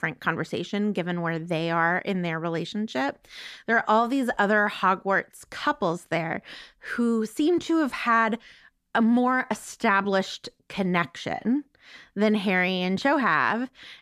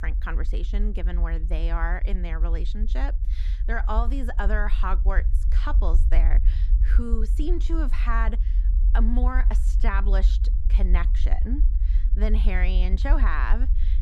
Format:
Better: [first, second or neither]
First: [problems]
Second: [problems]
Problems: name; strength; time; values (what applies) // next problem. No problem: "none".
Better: first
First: none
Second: low rumble; noticeable; throughout; 15 dB below the speech